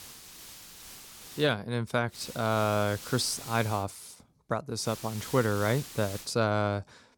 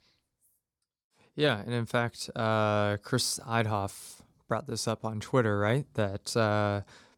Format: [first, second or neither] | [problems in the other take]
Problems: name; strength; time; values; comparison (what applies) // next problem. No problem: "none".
second | hiss; noticeable; until 1.5 s, from 2 to 4 s and from 5 to 6.5 s; 15 dB below the speech